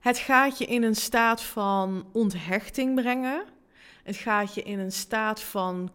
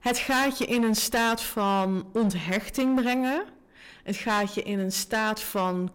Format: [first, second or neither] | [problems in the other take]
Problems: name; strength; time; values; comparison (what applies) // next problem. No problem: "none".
first | distortion; heavy; 12% of the sound clipped